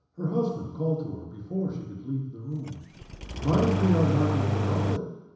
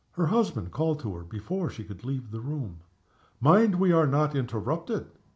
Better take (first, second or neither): second